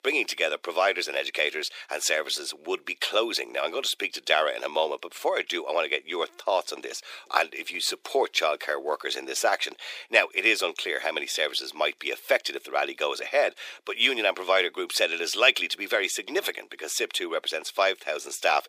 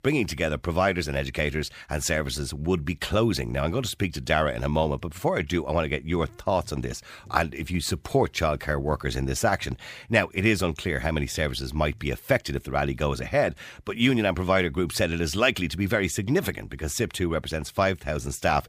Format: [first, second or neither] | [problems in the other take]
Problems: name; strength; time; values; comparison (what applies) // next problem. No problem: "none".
second | thin; very; fading below 400 Hz